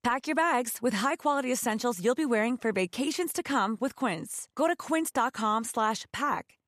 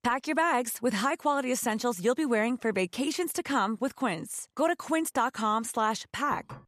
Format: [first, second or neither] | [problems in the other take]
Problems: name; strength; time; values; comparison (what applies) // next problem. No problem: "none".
first | clattering dishes; very faint; at 6.5 s; peak 15 dB below the speech